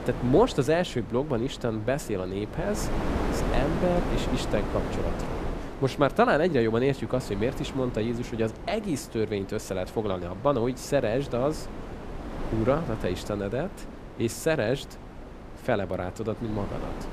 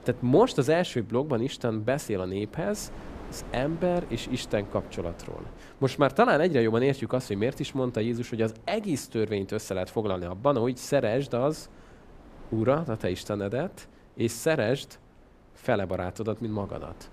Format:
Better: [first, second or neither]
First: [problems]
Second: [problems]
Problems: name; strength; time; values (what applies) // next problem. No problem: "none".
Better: second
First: wind noise on the microphone; heavy; 10 dB below the speech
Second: wind noise on the microphone; occasional gusts; 25 dB below the speech